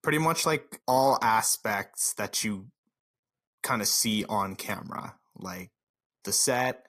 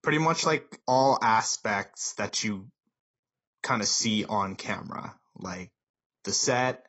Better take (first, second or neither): first